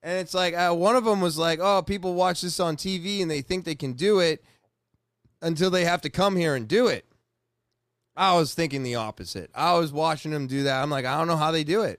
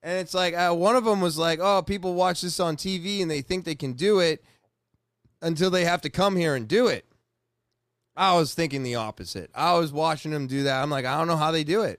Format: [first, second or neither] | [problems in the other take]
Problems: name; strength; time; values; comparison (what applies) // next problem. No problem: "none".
neither | none